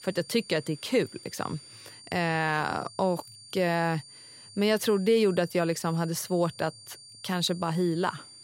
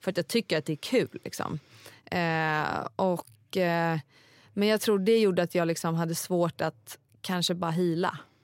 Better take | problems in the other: second | high-pitched whine; noticeable; throughout; 4.5 kHz, 20 dB below the speech

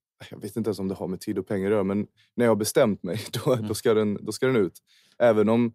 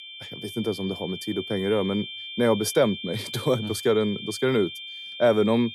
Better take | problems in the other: first | high-pitched whine; loud; throughout; 3 kHz, 10 dB below the speech

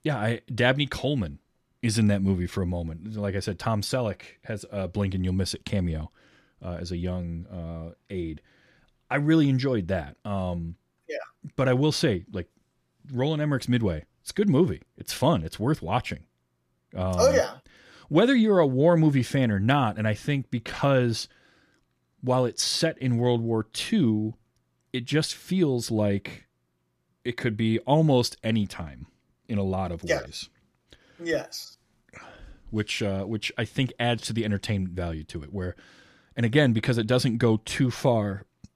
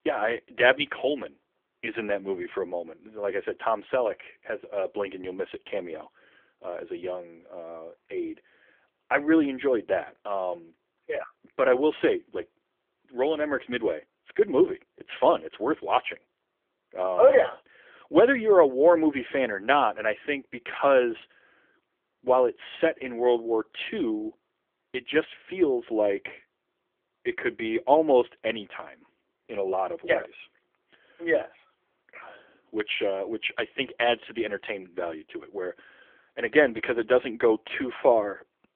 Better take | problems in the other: first | phone-call audio; poor line; nothing above 3.5 kHz

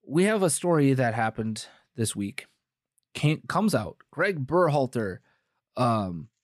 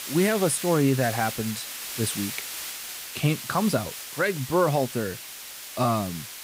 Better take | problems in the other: first | hiss; loud; throughout; 8 dB below the speech

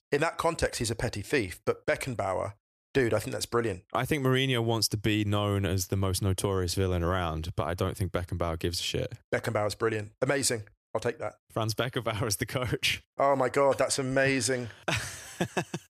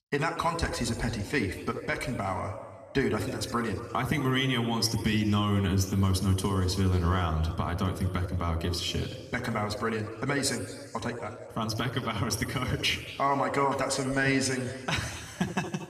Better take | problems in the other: first | room echo; slight; dies away in 1.8 s // off-mic speech; somewhat distant

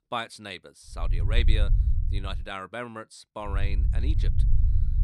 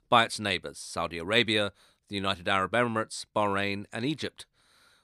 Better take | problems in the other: second | low rumble; noticeable; from 1 to 2.5 s and from 3.5 s on; 10 dB below the speech

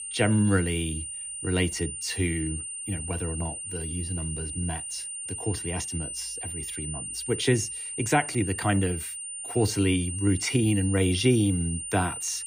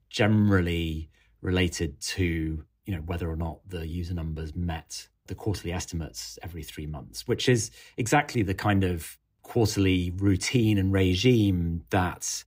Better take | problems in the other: second | high-pitched whine; loud; throughout; 9 kHz, 6 dB below the speech

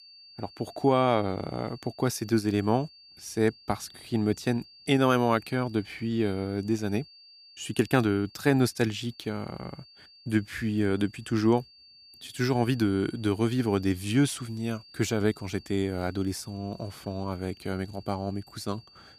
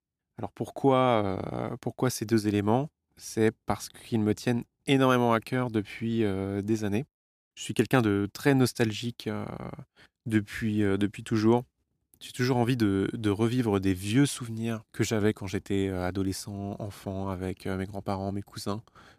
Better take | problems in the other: second | high-pitched whine; faint; throughout; 4.5 kHz, 25 dB below the speech

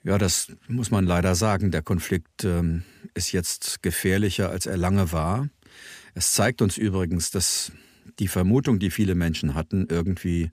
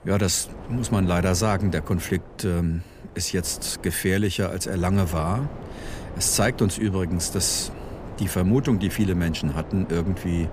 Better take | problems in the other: first | wind noise on the microphone; occasional gusts; 15 dB below the speech

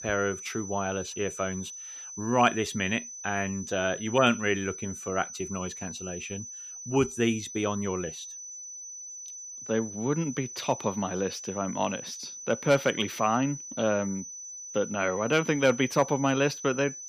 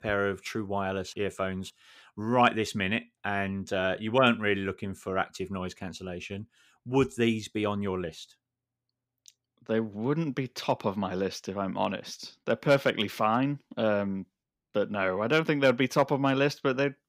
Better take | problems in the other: second | high-pitched whine; noticeable; throughout; 6 kHz, 10 dB below the speech

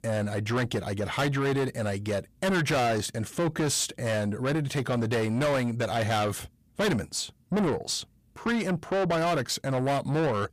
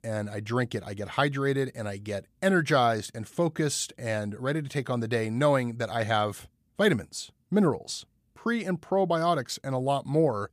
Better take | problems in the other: second | distortion; heavy; 6 dB below the speech

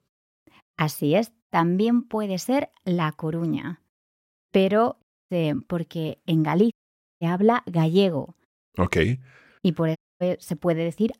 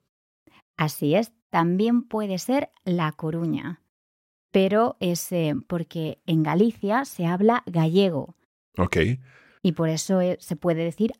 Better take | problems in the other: second | audio cutting out; at 5 s, at 6.5 s and at 10 s

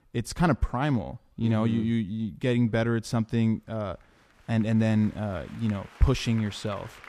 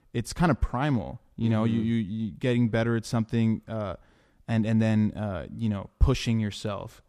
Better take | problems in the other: second | crowd noise; faint; throughout; 20 dB below the speech

